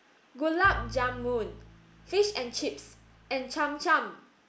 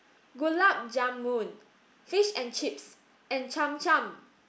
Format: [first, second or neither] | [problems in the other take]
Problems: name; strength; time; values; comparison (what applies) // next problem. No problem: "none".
second | background sound (Bowed string instrument); 13 dB below the speech